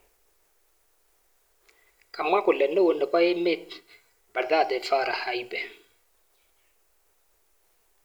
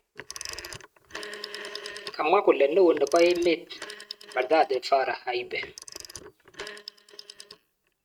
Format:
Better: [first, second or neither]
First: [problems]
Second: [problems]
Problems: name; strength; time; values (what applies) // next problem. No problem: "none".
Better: first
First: none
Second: noise reduction (neural mask model RNNoise)